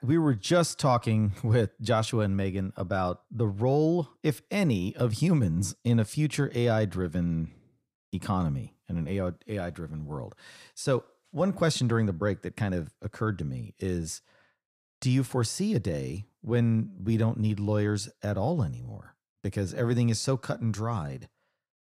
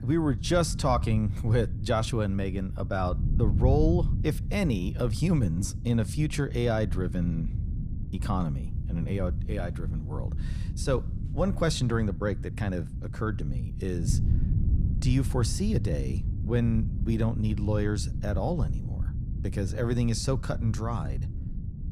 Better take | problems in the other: first | wind noise on the microphone; occasional gusts; 15 dB below the speech

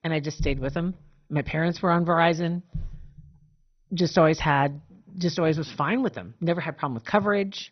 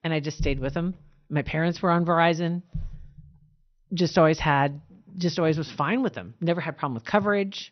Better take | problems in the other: second | garbled, watery; badly; nothing above 6 kHz; slightly in the second

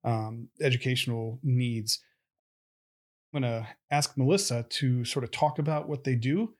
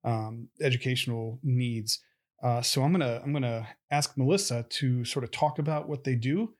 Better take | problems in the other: second | audio cutting out; at 2.5 s for 1 s

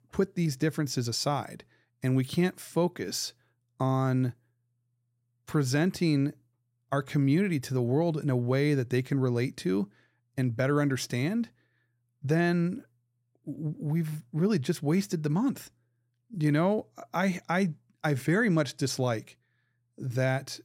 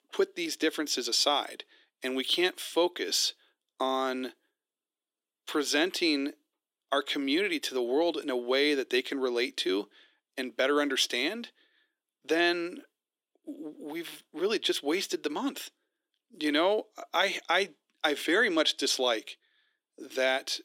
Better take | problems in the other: first | thin; somewhat; fading below 300 Hz

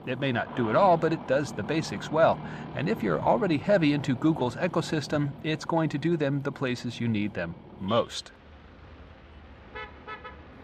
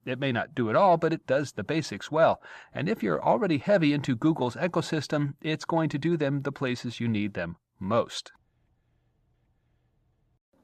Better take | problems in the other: second | traffic noise; noticeable; throughout; 15 dB below the speech

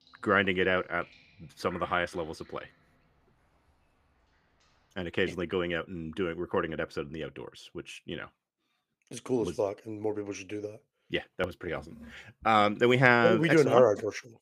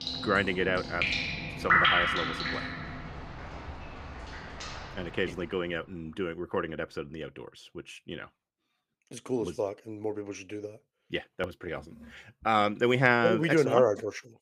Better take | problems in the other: first | rain or running water; loud; until 5 s; 1 dB below the speech; faint in the first

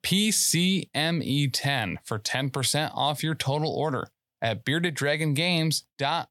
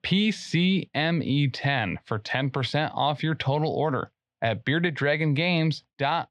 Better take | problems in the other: first | muffled; slightly; fading above 3 kHz

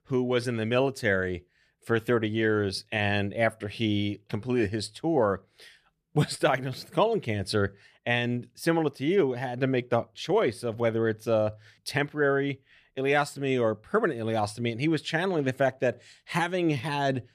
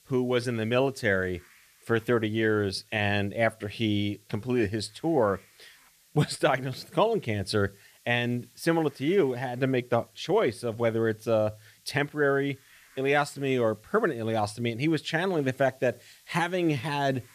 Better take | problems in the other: first | hiss; faint; throughout; 30 dB below the speech

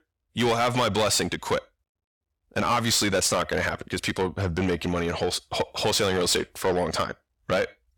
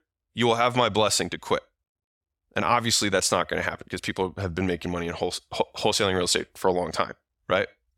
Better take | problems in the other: second | distortion; heavy; 7 dB below the speech

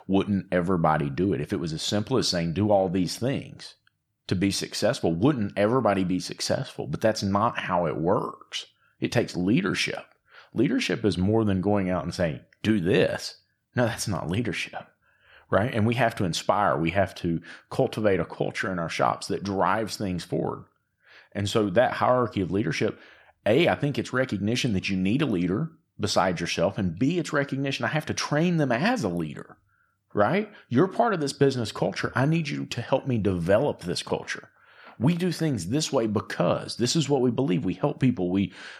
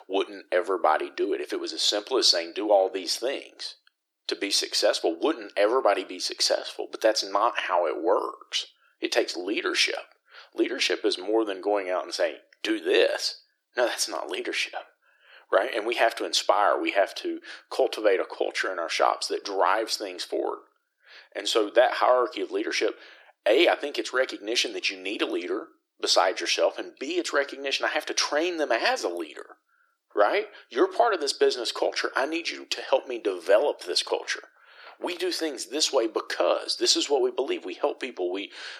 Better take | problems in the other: first | thin; very; fading below 350 Hz

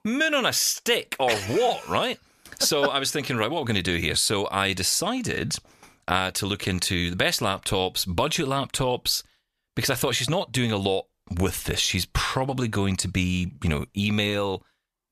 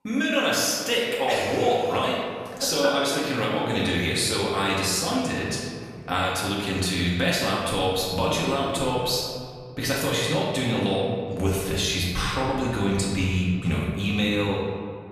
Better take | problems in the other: first | off-mic speech; far // room echo; noticeable; dies away in 1.9 s

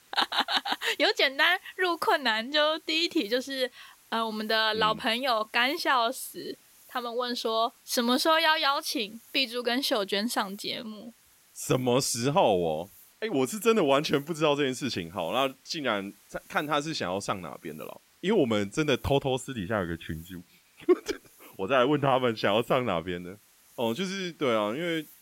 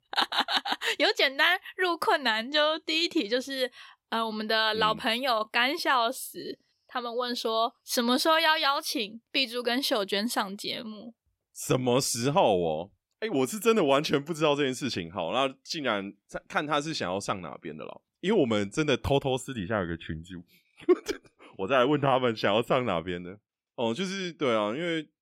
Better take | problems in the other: second | hiss; faint; throughout; 30 dB below the speech

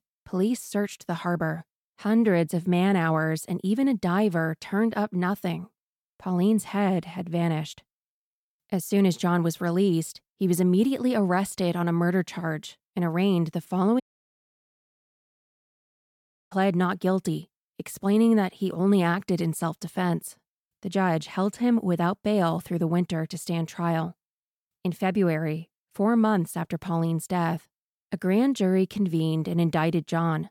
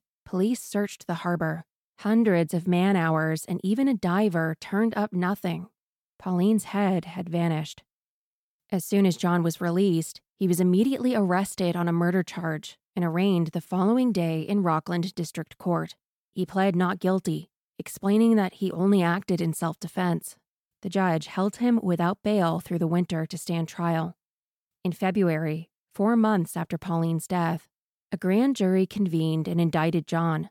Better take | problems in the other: second | audio cutting out; at 14 s for 2.5 s

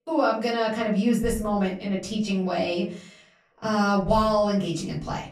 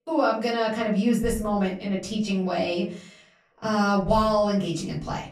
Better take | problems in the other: neither | room echo; slight; dies away in 0.5 s; the same in both // off-mic speech; far; the same in both

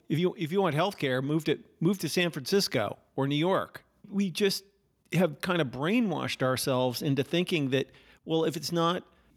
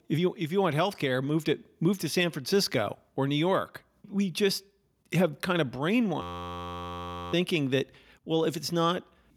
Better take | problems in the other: first | audio freezing; at 6 s for 1 s

